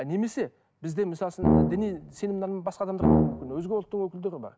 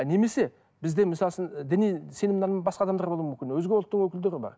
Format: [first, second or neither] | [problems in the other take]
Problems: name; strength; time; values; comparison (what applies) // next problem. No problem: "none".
second | background sound (Brass instrument); 5 dB above the speech